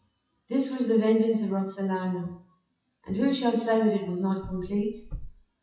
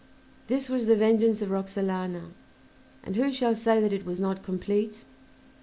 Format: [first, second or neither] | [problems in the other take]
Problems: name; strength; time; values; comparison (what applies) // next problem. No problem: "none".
second | noise reduction (classical method WPE with log-MMSE)